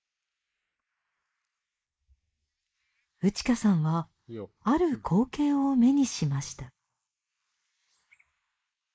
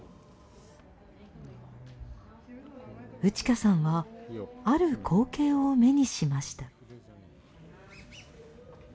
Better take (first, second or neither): second